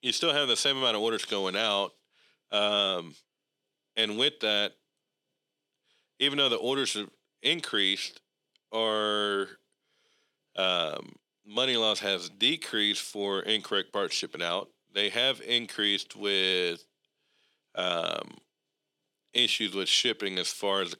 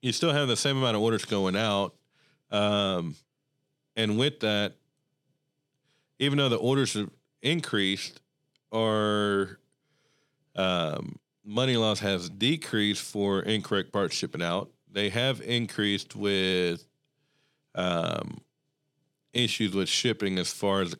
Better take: second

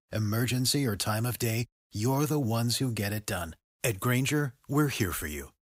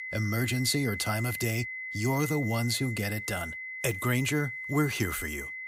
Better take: first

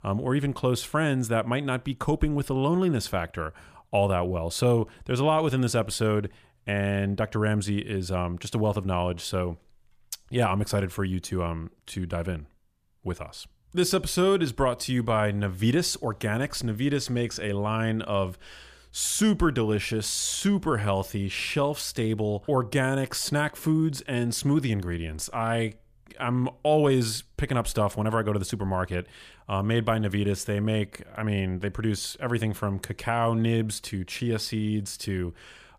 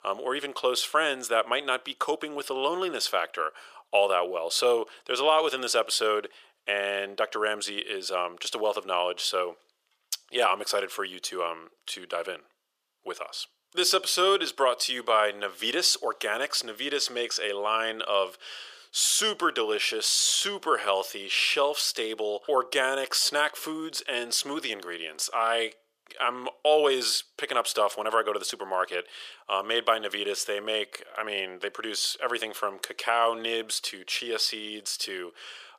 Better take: first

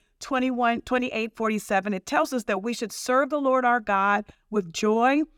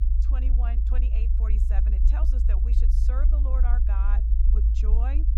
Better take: first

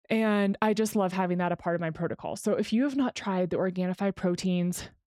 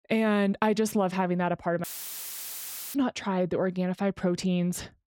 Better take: first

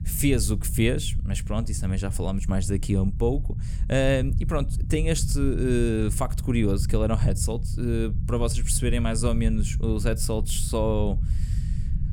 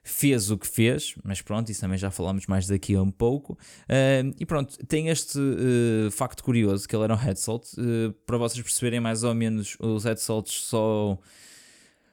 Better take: second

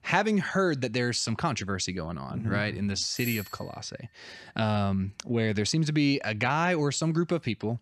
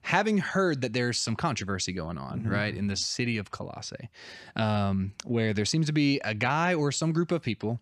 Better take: second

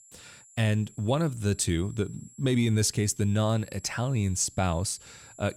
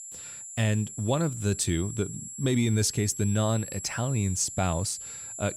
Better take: first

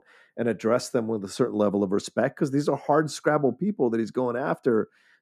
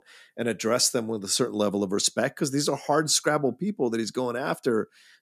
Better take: second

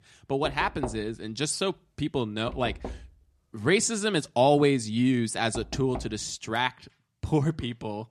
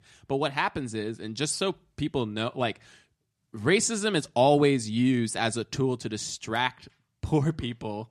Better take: second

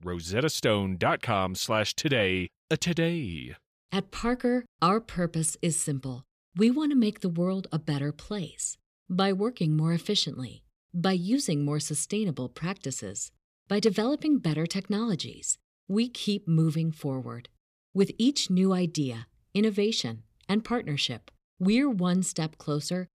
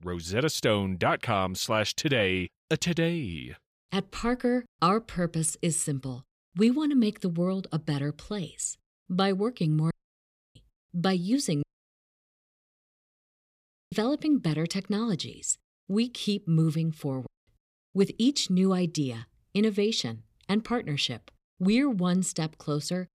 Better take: first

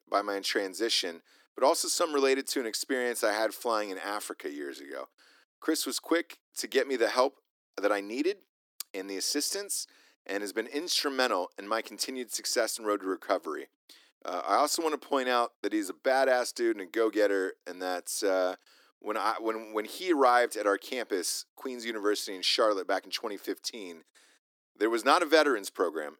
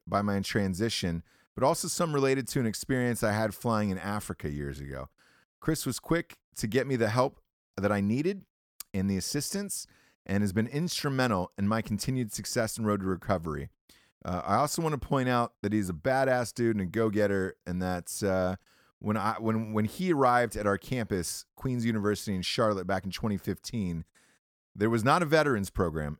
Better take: second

